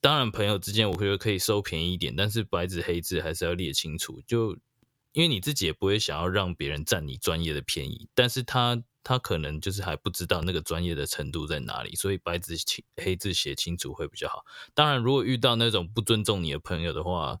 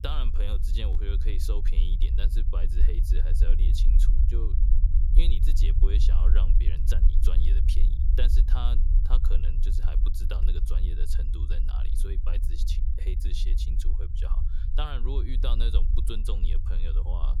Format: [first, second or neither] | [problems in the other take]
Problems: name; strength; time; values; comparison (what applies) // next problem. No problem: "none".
first | low rumble; loud; throughout; 6 dB below the speech